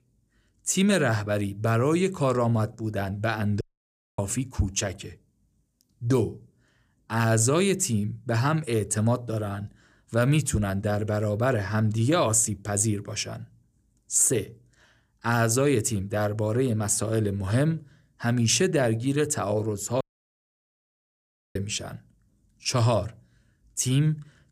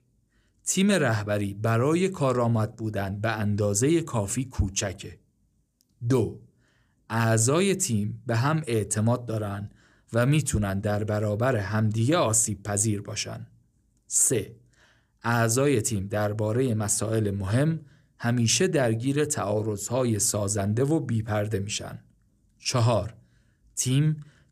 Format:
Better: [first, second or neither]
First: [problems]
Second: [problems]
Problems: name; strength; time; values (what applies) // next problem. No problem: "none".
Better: second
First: audio cutting out; at 3.5 s for 0.5 s and at 20 s for 1.5 s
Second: none